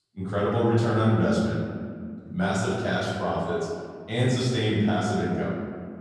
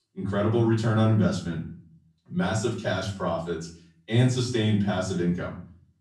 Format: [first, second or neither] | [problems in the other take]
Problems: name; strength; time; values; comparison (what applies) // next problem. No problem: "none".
second | room echo; strong; dies away in 1.9 s; slight in the second // off-mic speech; far; far in the second